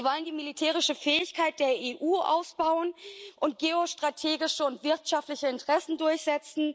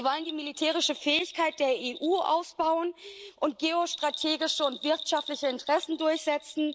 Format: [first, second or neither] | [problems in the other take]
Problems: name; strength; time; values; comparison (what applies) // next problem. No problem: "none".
first | background sound (Bell); 14 dB below the speech